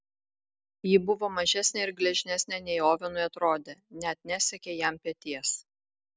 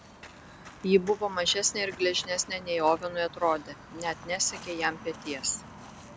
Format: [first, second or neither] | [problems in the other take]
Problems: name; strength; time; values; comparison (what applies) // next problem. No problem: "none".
first | background sound (Walk, footsteps); 17 dB below the speech